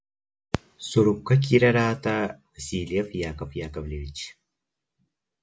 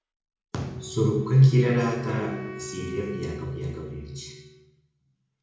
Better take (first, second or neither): first